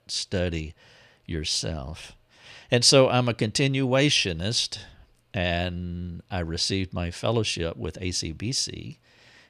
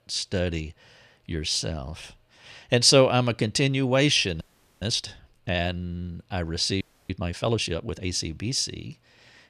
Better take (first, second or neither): first